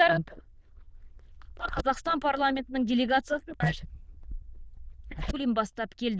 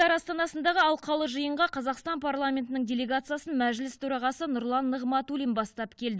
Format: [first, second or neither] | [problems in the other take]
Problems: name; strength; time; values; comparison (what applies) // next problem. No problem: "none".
second | noise reduction (neural diffusion model UNIVERSE++)